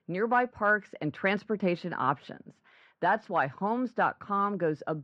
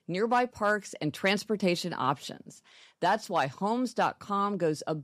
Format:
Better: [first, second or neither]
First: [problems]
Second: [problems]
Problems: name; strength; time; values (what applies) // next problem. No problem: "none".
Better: second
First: muffled; very; fading above 2 kHz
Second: none